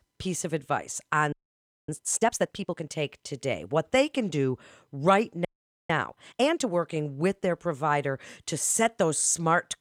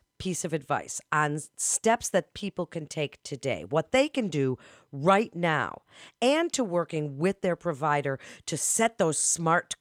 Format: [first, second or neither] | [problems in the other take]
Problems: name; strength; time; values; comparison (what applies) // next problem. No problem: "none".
second | audio freezing; at 1.5 s for 0.5 s and at 5.5 s